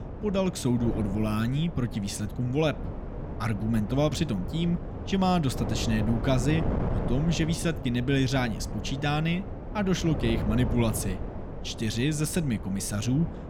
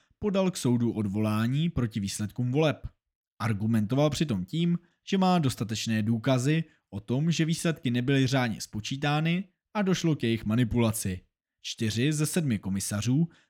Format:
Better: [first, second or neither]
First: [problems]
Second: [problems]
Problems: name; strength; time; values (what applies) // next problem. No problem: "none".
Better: second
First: wind noise on the microphone; heavy; 9 dB below the speech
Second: none